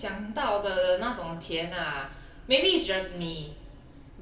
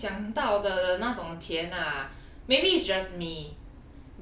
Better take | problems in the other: second | room echo; dies away in 1.6 s

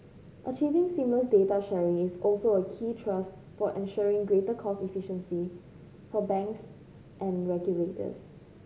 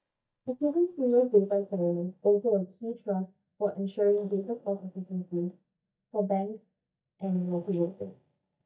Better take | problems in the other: first | noise reduction (neural mask model DeepFilterNet 3)

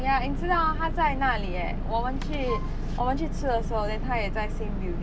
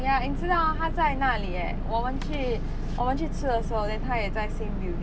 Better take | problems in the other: second | background sound (Wind instrument, woodwind instrument); 14 dB below the speech

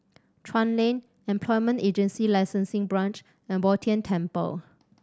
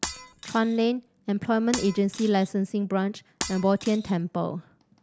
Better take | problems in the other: first | background sound (Shatter); 13 dB below the speech

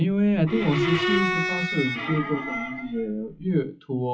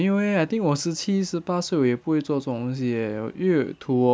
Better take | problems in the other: second | noise reduction (classical method WPE with log-MMSE)

